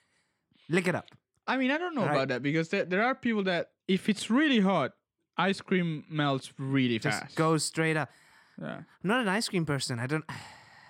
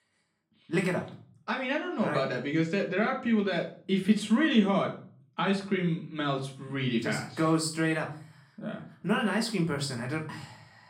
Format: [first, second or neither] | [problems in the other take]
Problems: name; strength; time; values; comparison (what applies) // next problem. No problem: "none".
first | room echo; slight; dies away in 0.4 s // off-mic speech; far